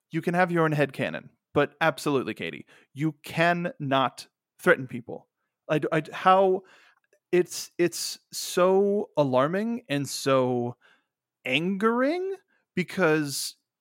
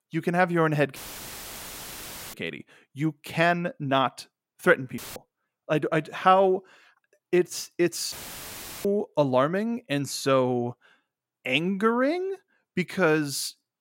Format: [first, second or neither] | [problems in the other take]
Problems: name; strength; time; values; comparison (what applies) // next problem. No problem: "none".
first | audio cutting out; filled with static; at 1 s for 1.5 s, at 5 s and at 8 s for 0.5 s